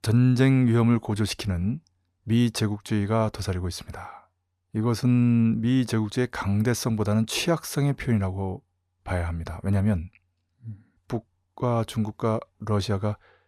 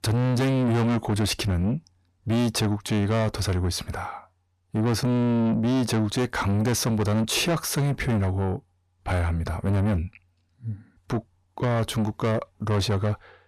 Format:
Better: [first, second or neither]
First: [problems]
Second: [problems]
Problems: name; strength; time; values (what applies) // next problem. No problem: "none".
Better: first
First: none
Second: distortion; heavy; 7 dB below the speech